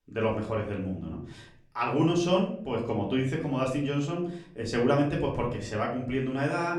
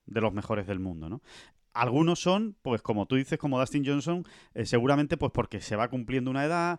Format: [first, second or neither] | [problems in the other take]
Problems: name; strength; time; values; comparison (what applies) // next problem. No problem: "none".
second | room echo; slight; dies away in 0.5 s // off-mic speech; far